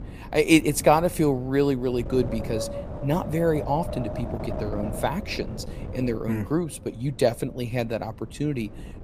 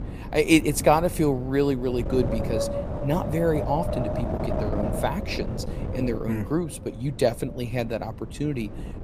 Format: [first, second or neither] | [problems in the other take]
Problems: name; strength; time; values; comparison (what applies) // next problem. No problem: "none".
first | wind noise on the microphone; heavy; 7 dB below the speech; occasional gusts in the first